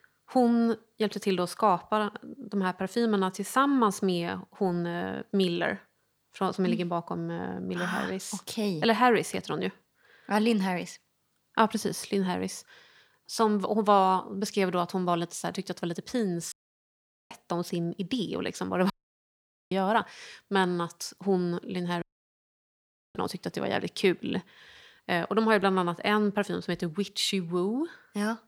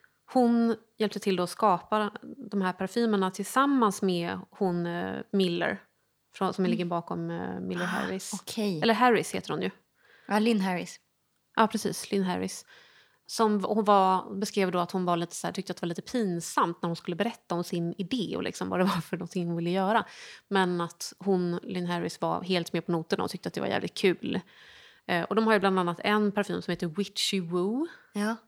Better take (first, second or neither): second